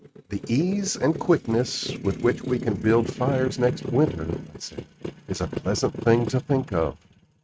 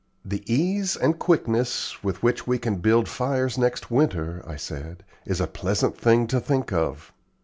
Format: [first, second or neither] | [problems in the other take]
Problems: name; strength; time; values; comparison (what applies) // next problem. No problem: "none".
second | noise reduction (neural mask model RNNoise)